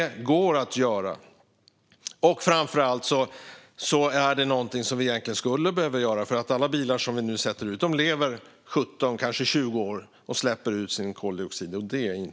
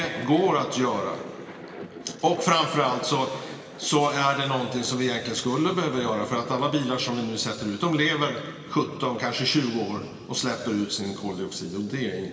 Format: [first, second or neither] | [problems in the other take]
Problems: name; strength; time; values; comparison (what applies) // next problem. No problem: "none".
first | background sound (Thunder); 17 dB below the speech // room echo; dies away in 2.5 s